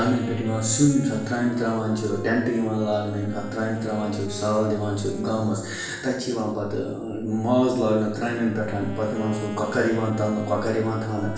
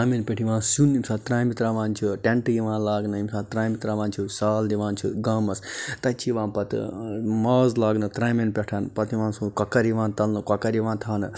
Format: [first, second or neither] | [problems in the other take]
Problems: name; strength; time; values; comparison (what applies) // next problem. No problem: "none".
second | background sound (Wind instrument, woodwind instrument); 14 dB below the speech // room echo; dies away in 0.7 s